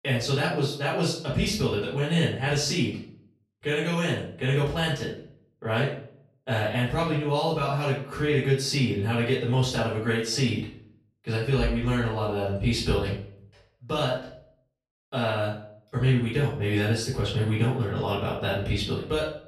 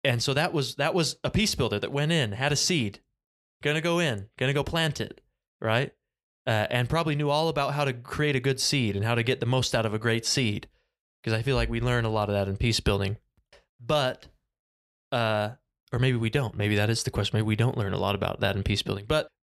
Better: second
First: off-mic speech; far // room echo; noticeable; dies away in 0.5 s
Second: none

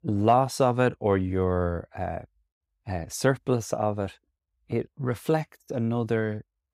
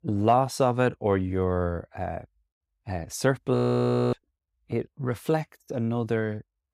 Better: first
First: none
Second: audio freezing; at 3.5 s for 0.5 s

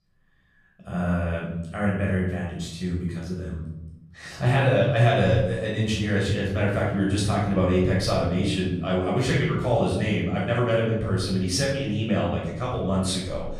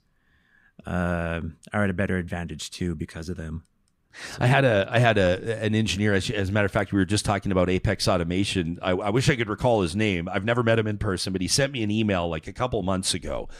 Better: second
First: off-mic speech; far // room echo; noticeable; dies away in 1.1 s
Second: none

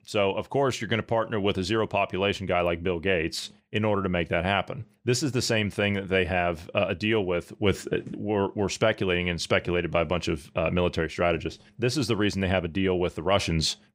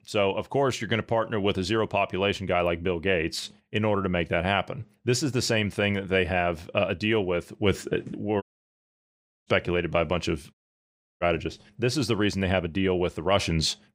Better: first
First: none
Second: audio cutting out; at 8.5 s for 1 s and at 11 s for 0.5 s

